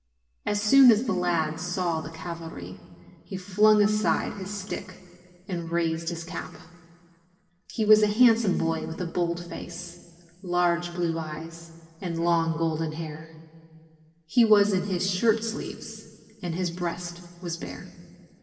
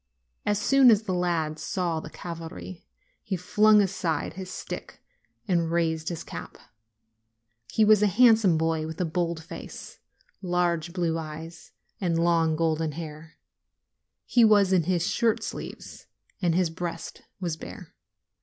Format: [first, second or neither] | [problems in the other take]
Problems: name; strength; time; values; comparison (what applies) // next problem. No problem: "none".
second | room echo; dies away in 2 s